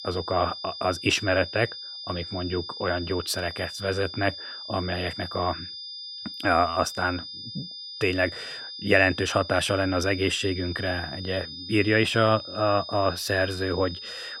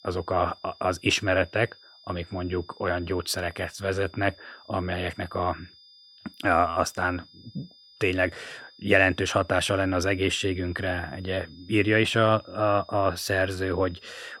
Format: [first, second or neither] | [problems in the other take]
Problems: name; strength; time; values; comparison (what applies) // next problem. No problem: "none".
second | high-pitched whine; loud; throughout; 5 kHz, 10 dB below the speech; faint in the second